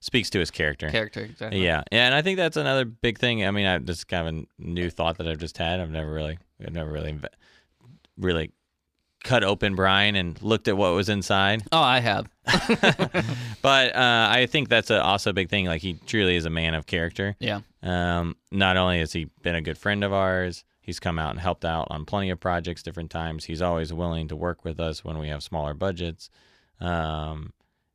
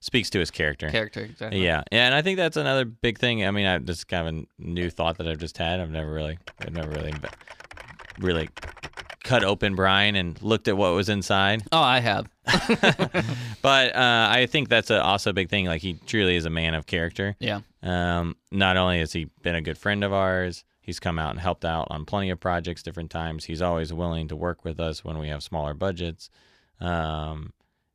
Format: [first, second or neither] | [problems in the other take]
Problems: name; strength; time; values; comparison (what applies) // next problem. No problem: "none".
first | keyboard typing; faint; from 6.5 to 9.5 s; peak 15 dB below the speech